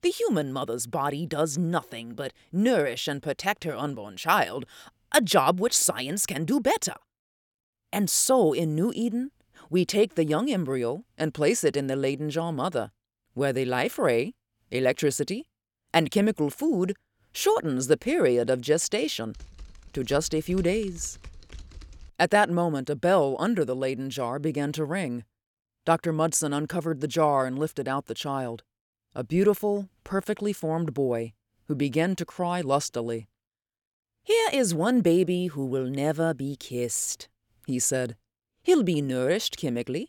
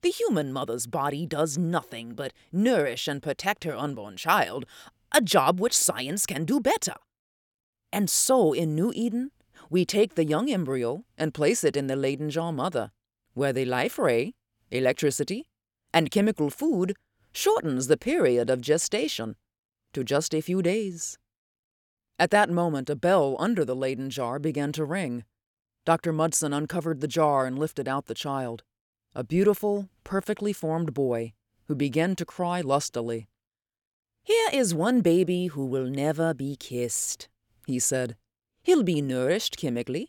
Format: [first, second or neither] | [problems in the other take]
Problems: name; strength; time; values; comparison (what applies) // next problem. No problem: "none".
second | keyboard typing; faint; from 19 to 22 s; peak 20 dB below the speech